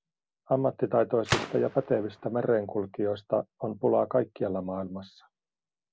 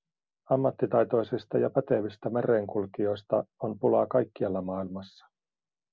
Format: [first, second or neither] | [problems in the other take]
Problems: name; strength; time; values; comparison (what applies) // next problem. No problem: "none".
second | background sound (Gunshot, gunfire); 10 dB below the speech